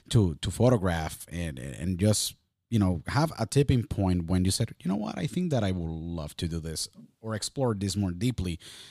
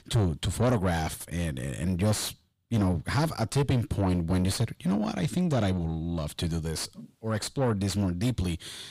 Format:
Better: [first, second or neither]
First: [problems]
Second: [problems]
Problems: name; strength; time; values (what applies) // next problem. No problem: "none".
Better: first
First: none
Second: distortion; heavy; 7 dB below the speech